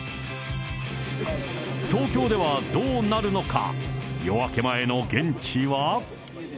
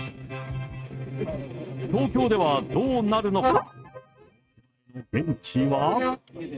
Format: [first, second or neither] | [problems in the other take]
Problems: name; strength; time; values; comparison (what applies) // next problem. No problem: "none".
first | noise reduction (neural mask model RNNoise)